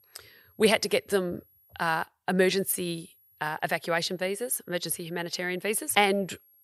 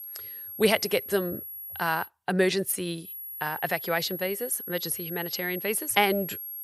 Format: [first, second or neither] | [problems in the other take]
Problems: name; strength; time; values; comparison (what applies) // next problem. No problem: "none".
first | high-pitched whine; loud; until 2 s and from 3 s on; 11.5 kHz, 8 dB below the speech; faint in the first